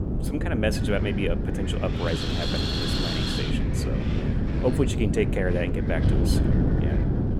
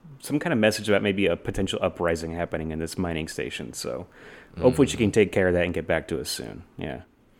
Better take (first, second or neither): second